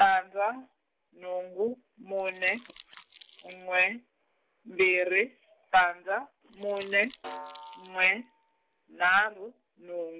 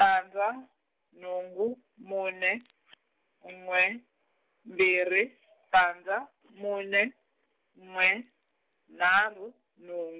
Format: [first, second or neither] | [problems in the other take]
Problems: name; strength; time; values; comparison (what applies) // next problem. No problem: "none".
second | background sound (Crumpling, crinkling + Snare drum); 19 dB below the speech